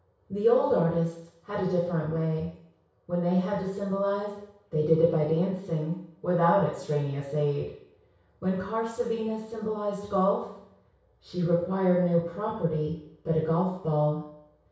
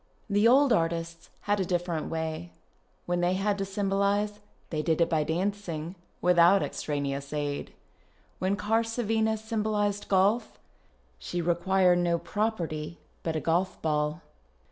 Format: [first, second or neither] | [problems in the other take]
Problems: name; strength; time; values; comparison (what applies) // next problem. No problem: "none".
second | room echo; dies away in 0.6 s